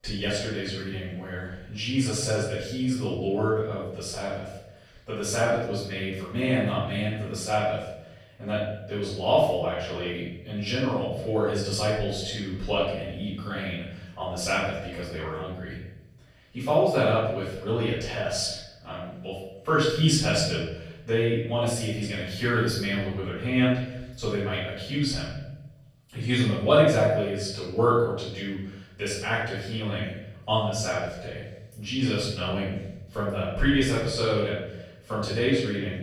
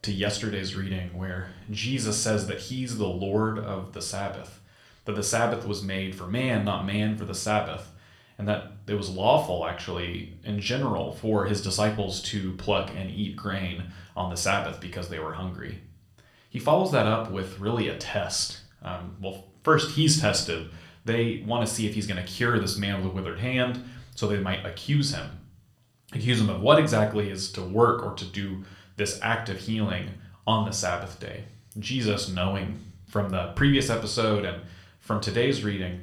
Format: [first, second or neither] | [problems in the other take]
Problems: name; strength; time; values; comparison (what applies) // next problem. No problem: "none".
second | room echo; strong; dies away in 0.9 s; slight in the second // off-mic speech; far; somewhat distant in the second